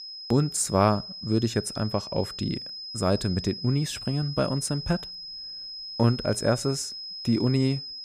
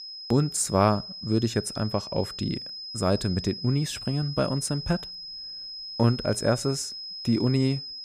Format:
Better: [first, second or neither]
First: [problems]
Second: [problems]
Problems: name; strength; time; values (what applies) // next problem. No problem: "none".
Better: neither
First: high-pitched whine; loud; throughout; 5 kHz, 9 dB below the speech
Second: high-pitched whine; loud; throughout; 5 kHz, 9 dB below the speech